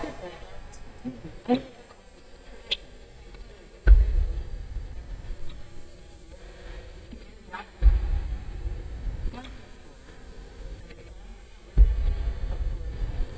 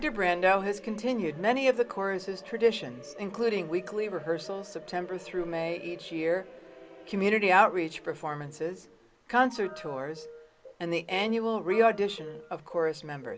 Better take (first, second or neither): second